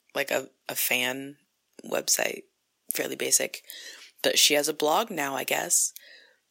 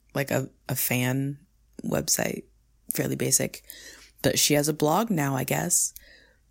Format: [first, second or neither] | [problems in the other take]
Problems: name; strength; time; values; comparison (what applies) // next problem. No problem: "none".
second | thin; somewhat; fading below 450 Hz